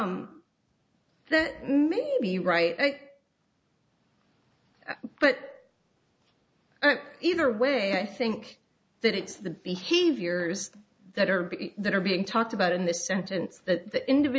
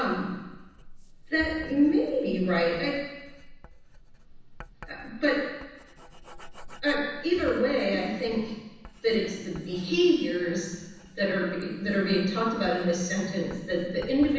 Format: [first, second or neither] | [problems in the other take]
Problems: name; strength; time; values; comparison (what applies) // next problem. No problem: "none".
first | background sound (Writing); 18 dB below the speech // room echo; dies away in 1.1 s